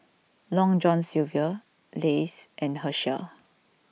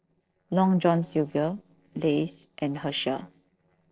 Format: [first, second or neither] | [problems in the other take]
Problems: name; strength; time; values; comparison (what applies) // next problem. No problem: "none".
first | noise reduction (neural separator model SepFormer DNS4)